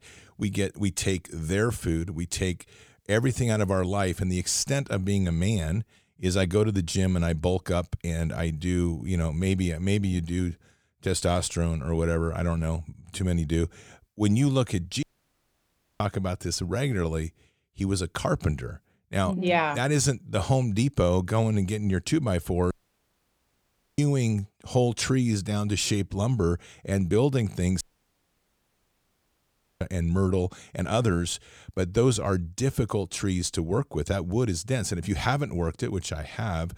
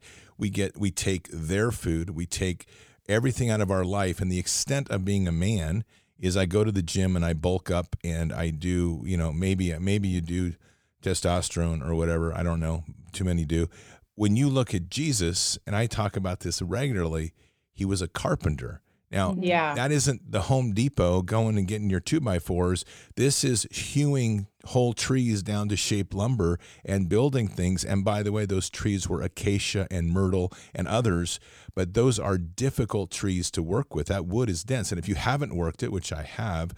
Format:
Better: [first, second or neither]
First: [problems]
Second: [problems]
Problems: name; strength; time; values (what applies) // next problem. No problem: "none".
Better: second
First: audio cutting out; at 15 s for 1 s, at 23 s for 1.5 s and at 28 s for 2 s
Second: none